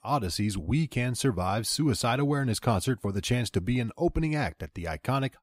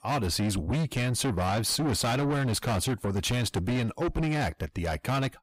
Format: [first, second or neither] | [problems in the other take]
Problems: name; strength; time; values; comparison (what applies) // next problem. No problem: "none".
first | distortion; heavy; 7 dB below the speech